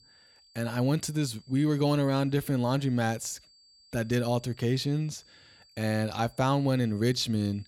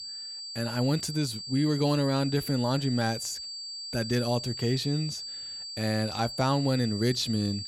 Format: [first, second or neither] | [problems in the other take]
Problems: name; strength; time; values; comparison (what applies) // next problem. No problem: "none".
first | high-pitched whine; loud; throughout; 4.5 kHz, 7 dB below the speech; faint in the first